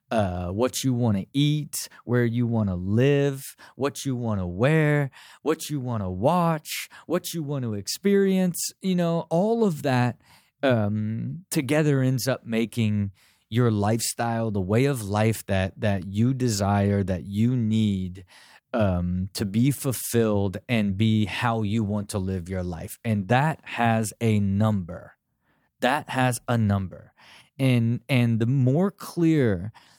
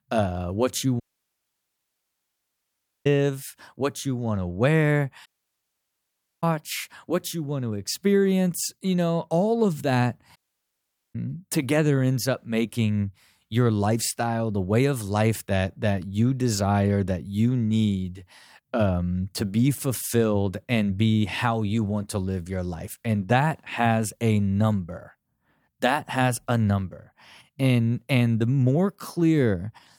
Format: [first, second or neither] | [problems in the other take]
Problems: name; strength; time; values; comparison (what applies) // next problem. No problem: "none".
first | audio cutting out; at 1 s for 2 s, at 5.5 s for 1 s and at 10 s for 1 s